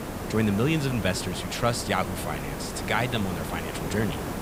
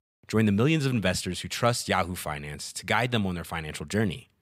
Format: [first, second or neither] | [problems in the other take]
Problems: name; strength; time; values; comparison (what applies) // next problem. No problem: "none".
second | hiss; loud; throughout; 6 dB below the speech